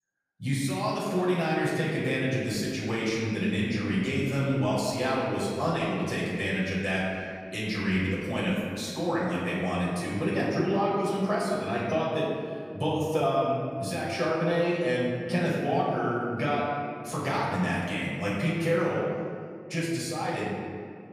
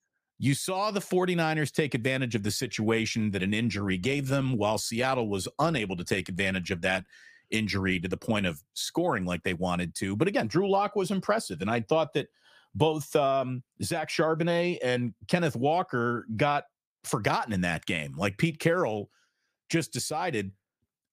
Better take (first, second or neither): second